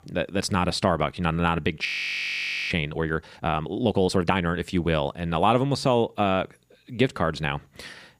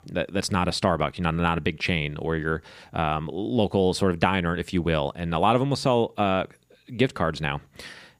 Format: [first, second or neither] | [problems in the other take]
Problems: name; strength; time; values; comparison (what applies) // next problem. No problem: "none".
second | audio freezing; at 2 s for 1 s